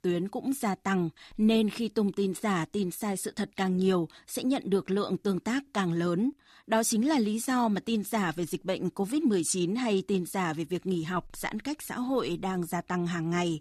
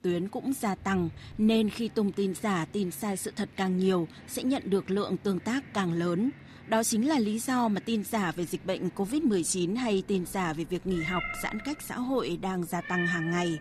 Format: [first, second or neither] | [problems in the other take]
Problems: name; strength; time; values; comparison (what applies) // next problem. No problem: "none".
first | animal sounds; noticeable; throughout; 15 dB below the speech